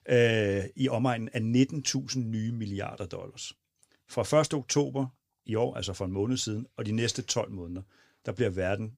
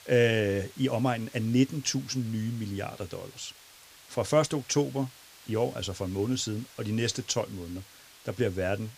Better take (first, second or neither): first